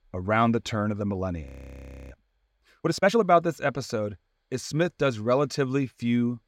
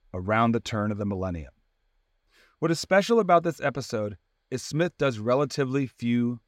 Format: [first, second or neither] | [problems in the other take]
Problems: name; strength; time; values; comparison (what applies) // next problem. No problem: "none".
second | audio freezing; at 1.5 s for 0.5 s